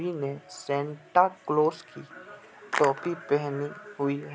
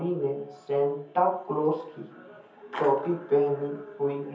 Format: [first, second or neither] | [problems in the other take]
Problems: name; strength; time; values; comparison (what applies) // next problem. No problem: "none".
first | room echo; dies away in 0.5 s